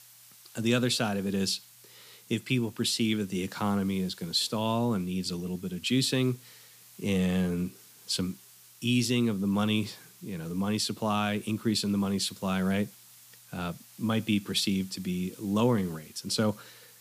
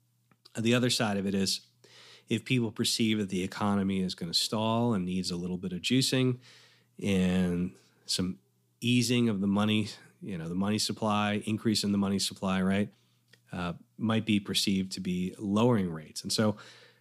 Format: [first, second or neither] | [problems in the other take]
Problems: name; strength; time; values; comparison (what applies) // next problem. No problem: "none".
second | hiss; faint; throughout; 20 dB below the speech